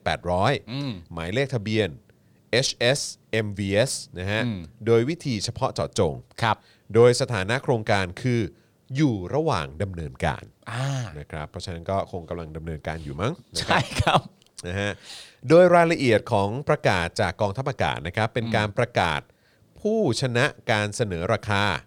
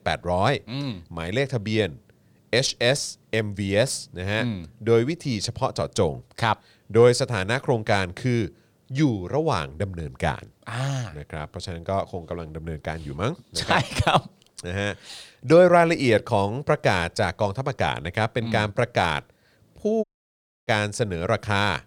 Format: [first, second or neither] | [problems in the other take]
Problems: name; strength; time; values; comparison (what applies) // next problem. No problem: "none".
first | audio cutting out; at 20 s for 0.5 s